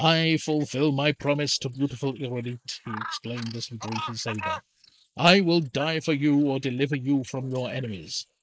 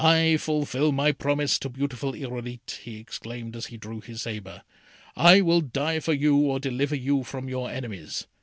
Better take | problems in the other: second | noise reduction (neural mask model Resemble Enhance denoiser)

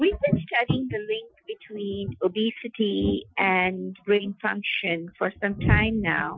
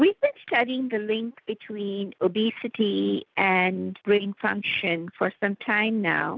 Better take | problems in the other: second | noise reduction (classical method Wiener filter)

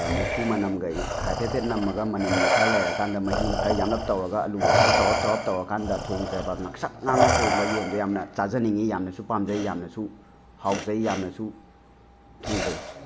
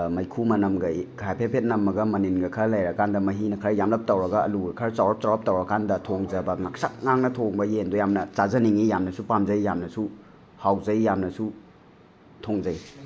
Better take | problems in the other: second | background sound (Respiratory sounds); as loud as the speech

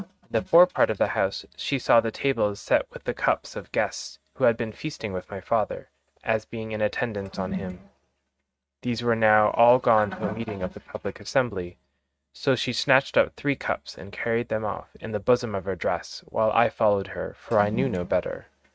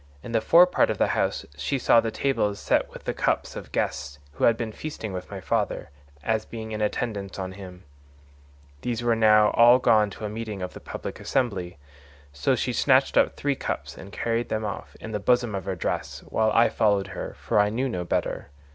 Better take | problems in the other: second | noise reduction (neural mask model RNNoise)

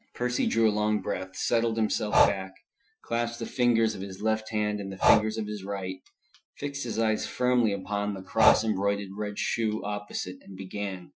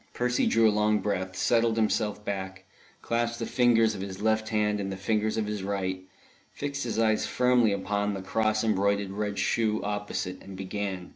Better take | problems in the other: second | noise reduction (classical method Wiener filter)

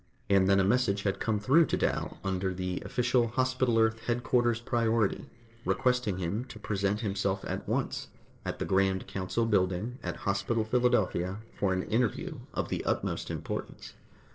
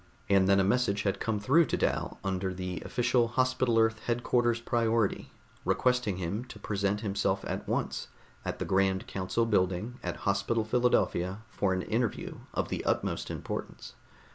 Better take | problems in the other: second | noise reduction (neural separator model SepFormer DNS4)

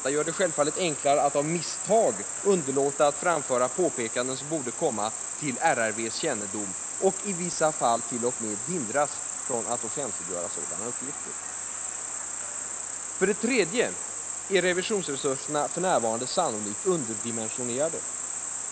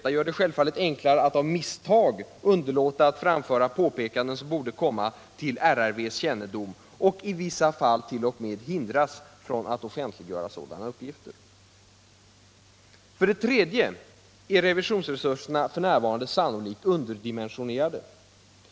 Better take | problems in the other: second | background sound (Cricket); 3 dB below the speech

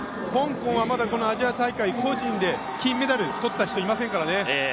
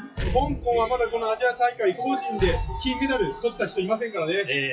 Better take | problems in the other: first | noise reduction (classical method WPE with log-MMSE)

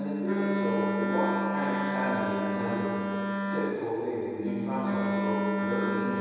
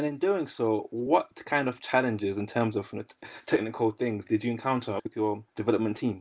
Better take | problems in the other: second | background sound (Wind instrument, woodwind instrument); 2 dB above the speech // room echo; dies away in 2.2 s

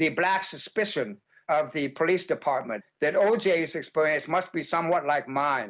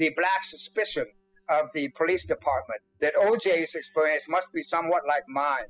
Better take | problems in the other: first | noise reduction (classical method spectral subtraction)

